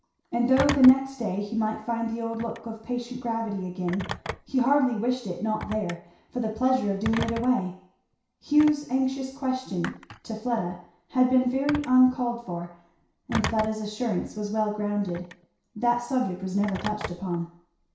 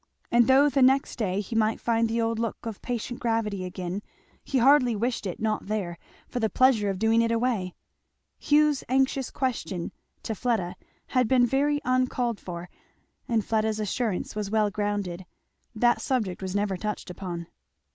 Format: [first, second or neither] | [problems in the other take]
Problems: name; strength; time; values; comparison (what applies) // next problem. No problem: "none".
second | background sound (Telephone); 13 dB below the speech // room echo; dies away in 0.6 s